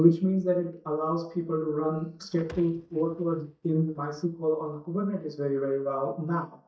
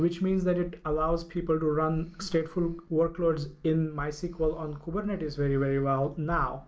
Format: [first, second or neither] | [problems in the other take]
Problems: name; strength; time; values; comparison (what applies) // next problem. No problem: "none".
second | noise reduction (neural mask model DeepFilterNet 3)